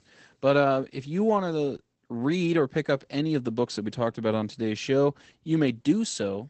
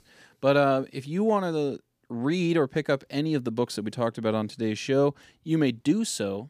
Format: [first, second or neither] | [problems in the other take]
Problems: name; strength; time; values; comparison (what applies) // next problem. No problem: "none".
second | garbled, watery; badly; nothing above 8 kHz